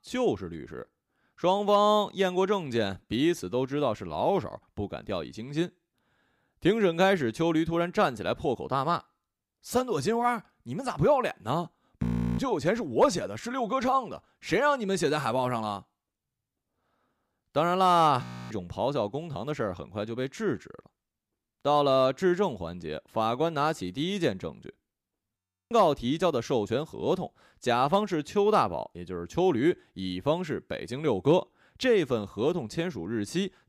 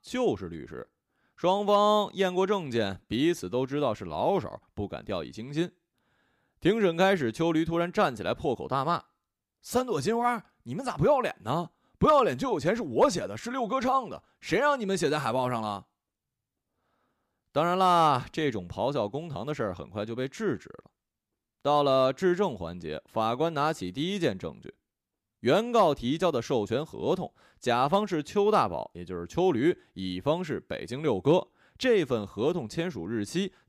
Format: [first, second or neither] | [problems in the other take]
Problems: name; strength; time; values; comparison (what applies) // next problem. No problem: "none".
second | audio freezing; at 12 s, at 18 s and at 25 s